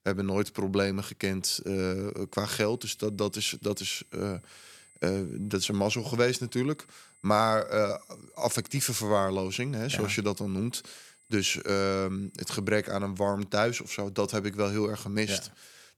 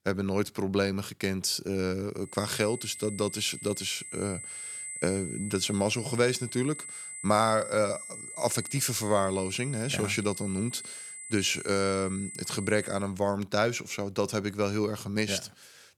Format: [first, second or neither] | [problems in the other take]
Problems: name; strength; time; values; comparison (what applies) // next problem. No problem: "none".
first | high-pitched whine; loud; from 2.5 to 13 s; 8 kHz, 9 dB below the speech; faint in the first